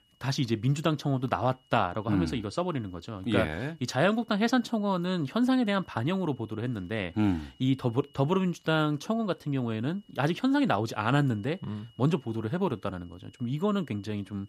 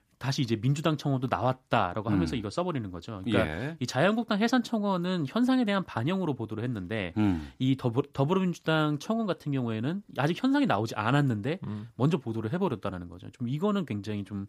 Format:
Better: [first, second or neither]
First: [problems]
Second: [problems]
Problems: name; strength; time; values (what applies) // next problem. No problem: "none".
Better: second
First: high-pitched whine; faint; throughout; 3 kHz, 30 dB below the speech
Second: none